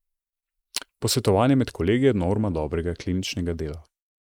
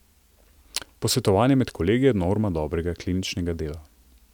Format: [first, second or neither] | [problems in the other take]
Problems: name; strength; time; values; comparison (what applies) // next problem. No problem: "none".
second | noise reduction (neural mask model Resemble Enhance denoiser)